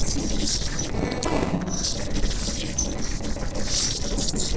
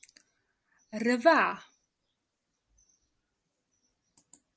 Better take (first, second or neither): second